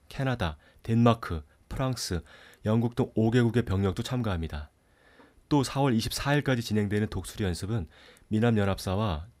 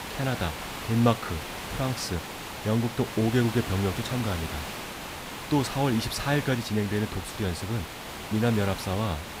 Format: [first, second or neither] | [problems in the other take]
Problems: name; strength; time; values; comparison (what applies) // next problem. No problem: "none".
first | hiss; loud; throughout; 7 dB below the speech